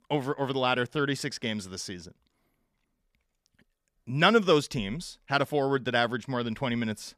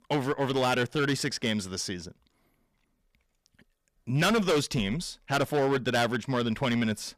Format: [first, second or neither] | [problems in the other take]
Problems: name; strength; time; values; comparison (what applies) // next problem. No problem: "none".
first | distortion; heavy; 9% of the sound clipped